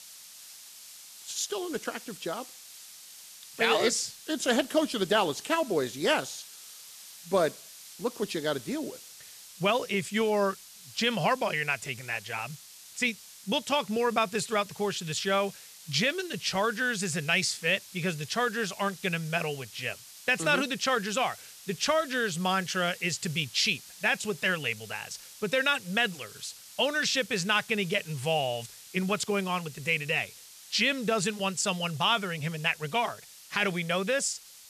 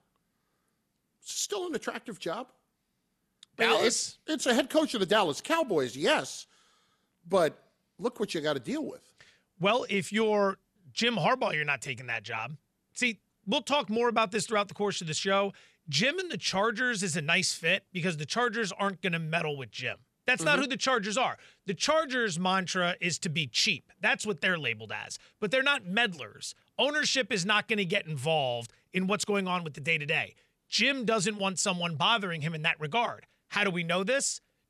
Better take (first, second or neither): second